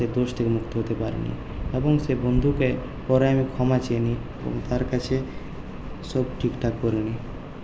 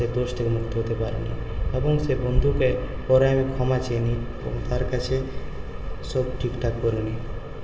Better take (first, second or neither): first